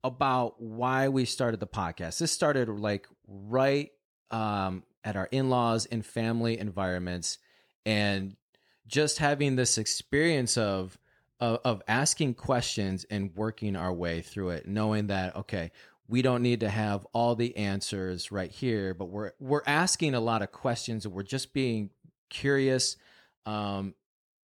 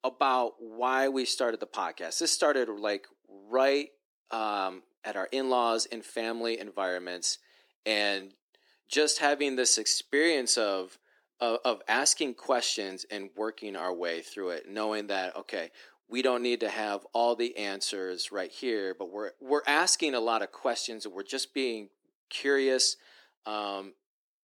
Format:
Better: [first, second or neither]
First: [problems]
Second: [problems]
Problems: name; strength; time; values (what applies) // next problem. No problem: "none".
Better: first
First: none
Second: thin; somewhat; fading below 300 Hz